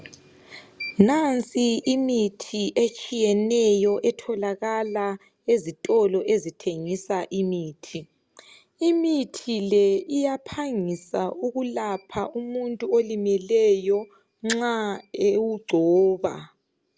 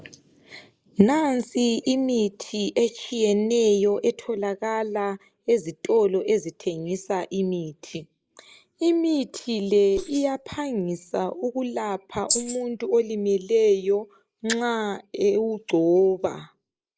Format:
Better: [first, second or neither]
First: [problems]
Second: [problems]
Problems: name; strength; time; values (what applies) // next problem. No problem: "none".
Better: first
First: none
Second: noise reduction (neural mask model Resemble Enhance denoiser)